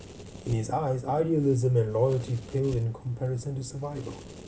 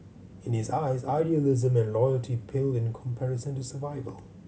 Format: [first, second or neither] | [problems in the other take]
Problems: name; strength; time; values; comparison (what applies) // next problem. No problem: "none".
second | background sound (Domestic sounds, home sounds); 19 dB below the speech